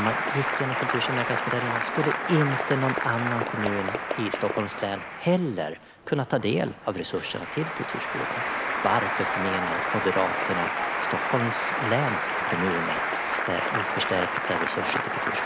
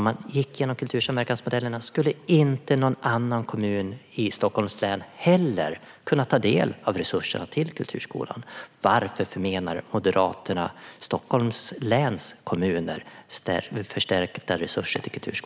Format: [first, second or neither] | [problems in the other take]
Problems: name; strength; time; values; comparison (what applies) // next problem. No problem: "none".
second | background sound (Applause); as loud as the speech